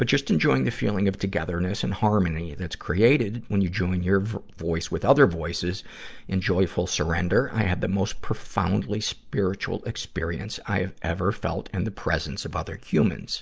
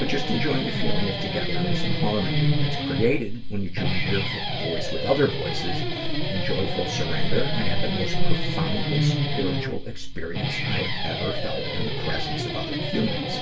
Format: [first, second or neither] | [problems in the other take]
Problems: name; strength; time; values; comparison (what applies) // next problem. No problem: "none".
first | background sound (Guitar); 4 dB below the speech // room echo; dies away in 0.2 s